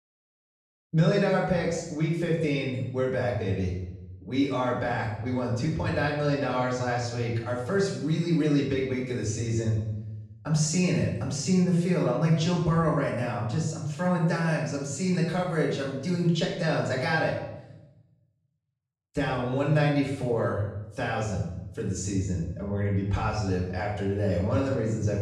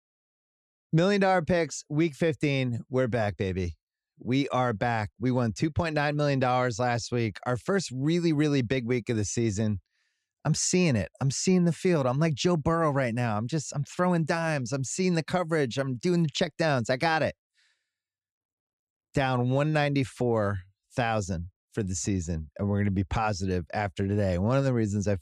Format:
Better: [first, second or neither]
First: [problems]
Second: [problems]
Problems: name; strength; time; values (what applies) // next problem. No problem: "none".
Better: second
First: off-mic speech; far // room echo; noticeable; dies away in 0.8 s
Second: none